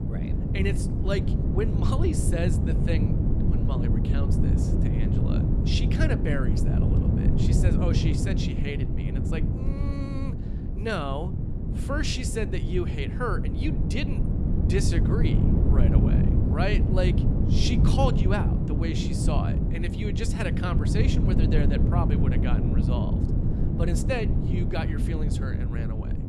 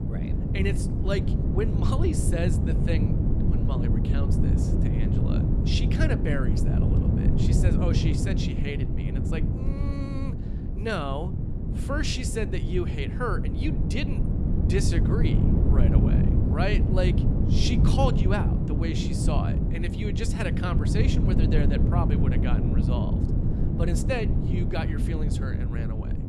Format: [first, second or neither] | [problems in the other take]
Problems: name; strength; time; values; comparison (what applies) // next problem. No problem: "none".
neither | wind noise on the microphone; heavy; 2 dB below the speech; the same in both